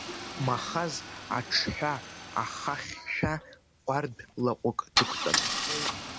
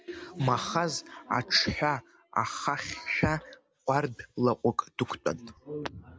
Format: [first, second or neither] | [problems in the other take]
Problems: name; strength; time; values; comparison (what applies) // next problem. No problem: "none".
second | background sound (Idling / Engine starting / Car); 3 dB below the speech